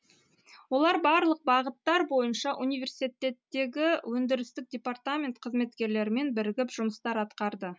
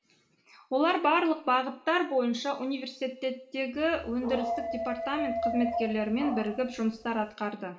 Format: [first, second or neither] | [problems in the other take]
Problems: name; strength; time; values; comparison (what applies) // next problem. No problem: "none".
first | background sound (Dog); 5 dB below the speech // room echo; dies away in 1.9 s